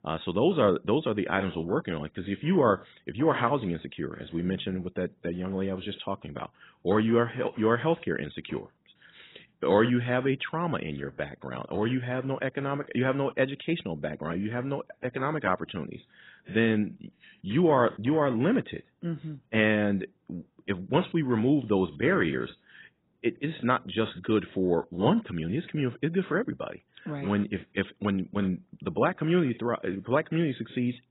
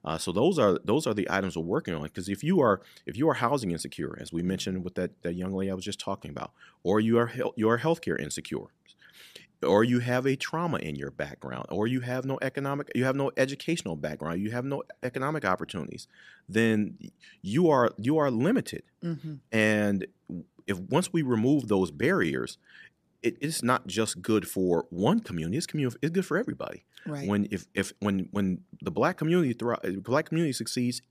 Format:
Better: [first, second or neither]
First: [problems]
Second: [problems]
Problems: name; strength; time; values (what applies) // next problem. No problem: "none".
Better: second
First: garbled, watery; badly; nothing above 4 kHz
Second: none